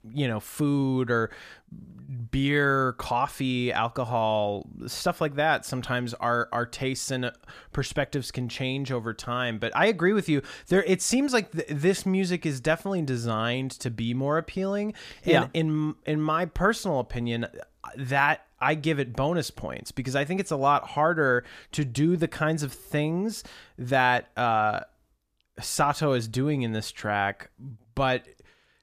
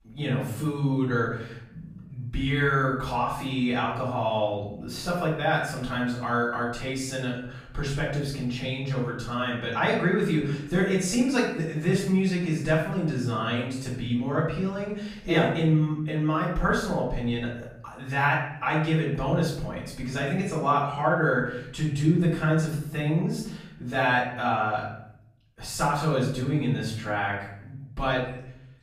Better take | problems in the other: first | off-mic speech; far // room echo; noticeable; dies away in 0.7 s

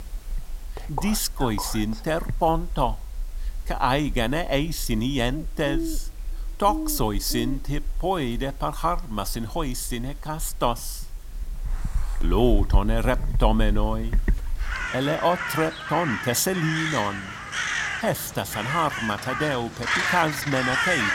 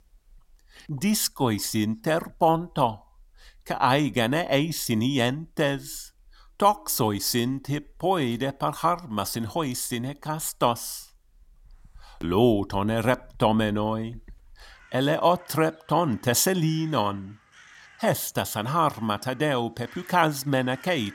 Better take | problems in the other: second | animal sounds; loud; throughout; 4 dB below the speech; faint in the second

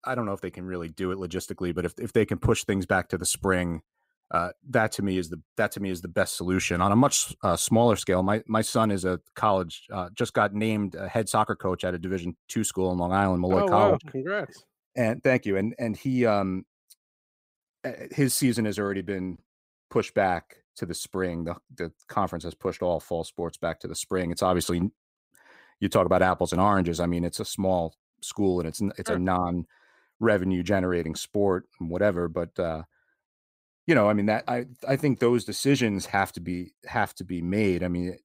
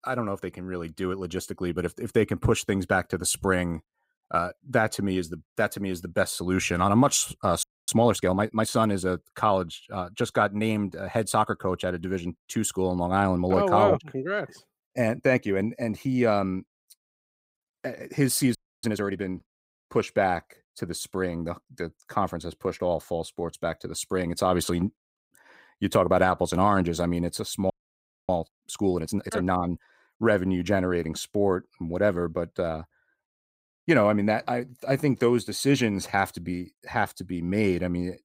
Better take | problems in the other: first | audio freezing; at 7.5 s, at 19 s and at 28 s for 0.5 s

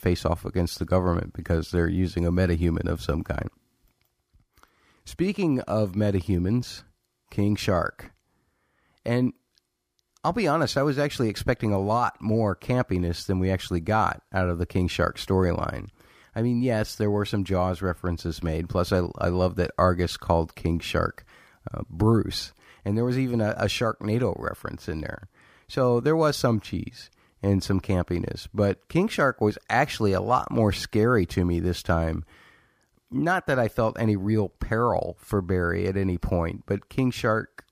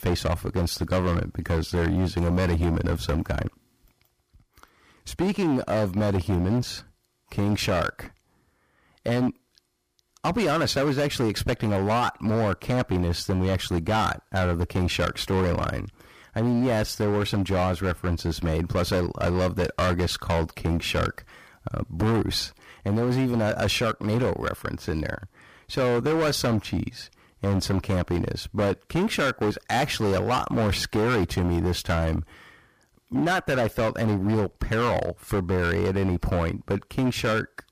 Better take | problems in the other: first | distortion; heavy; 17% of the sound clipped

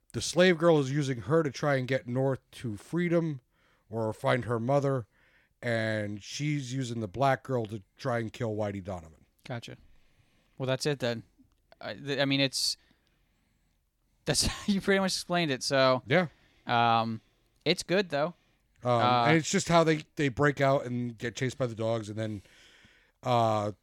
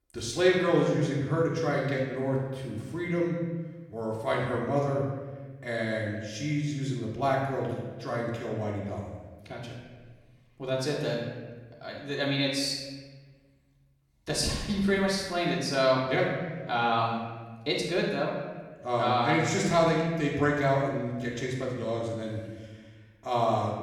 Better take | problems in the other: first | off-mic speech; far // room echo; noticeable; dies away in 1.2 s

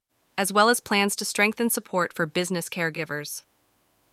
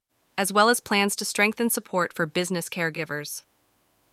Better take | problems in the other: neither | none

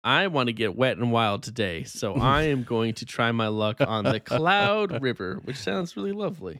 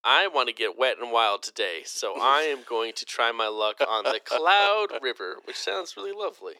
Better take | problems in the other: first | thin; very; fading below 400 Hz

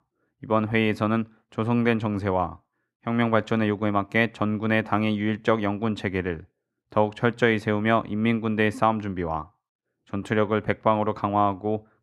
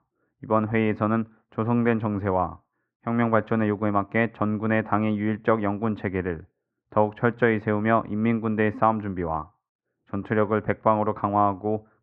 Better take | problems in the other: first | muffled; very; fading above 1.5 kHz

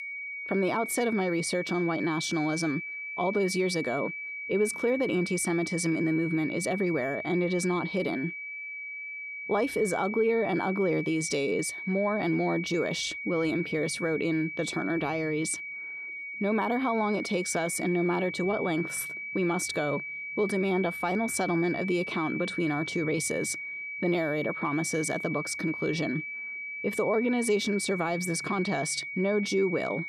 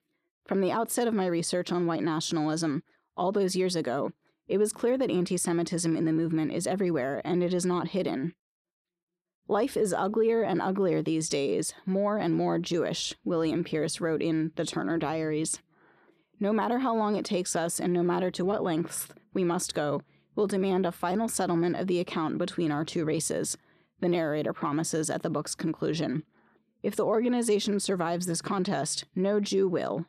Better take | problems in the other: second | high-pitched whine; loud; throughout; 2.5 kHz, 6 dB below the speech

